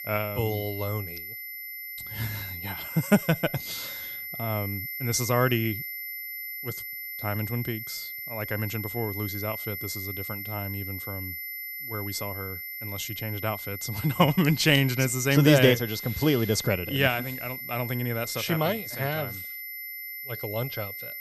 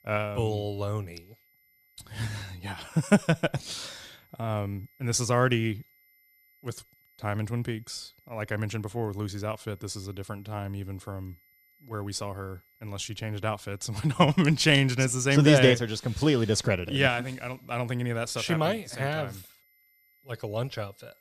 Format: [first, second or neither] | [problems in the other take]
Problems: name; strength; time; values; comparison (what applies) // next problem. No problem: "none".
second | high-pitched whine; loud; throughout; 2 kHz, 7 dB below the speech; faint in the second